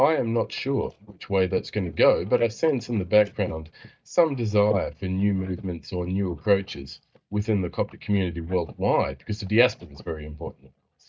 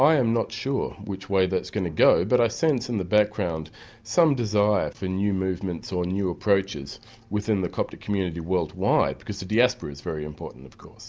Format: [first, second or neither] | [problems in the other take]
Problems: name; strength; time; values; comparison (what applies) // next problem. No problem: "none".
second | noise reduction (neural mask model DeepFilterNet 3)